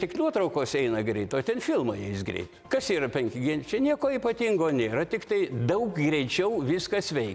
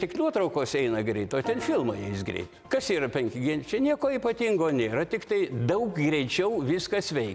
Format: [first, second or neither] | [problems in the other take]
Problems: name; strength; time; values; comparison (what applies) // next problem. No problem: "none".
first | background sound (Organ); 13 dB below the speech